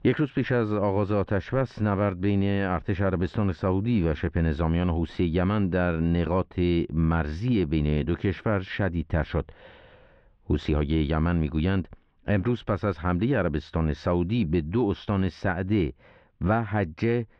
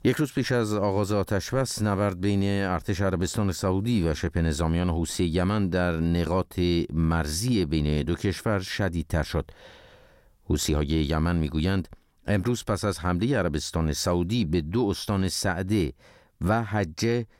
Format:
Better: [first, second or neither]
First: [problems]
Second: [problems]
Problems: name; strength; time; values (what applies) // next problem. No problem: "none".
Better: second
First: muffled; very; fading above 3 kHz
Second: none